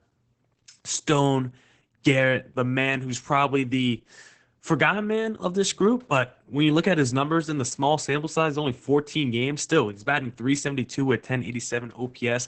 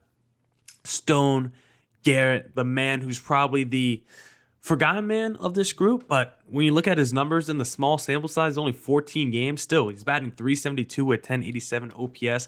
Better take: second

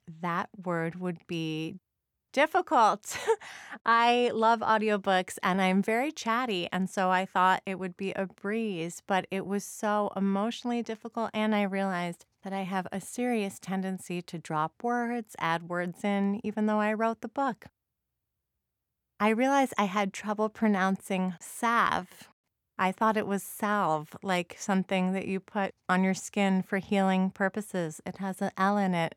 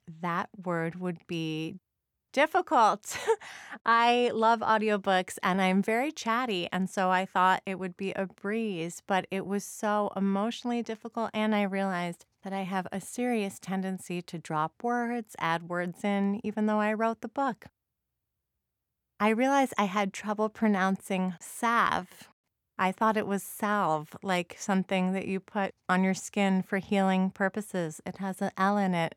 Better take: neither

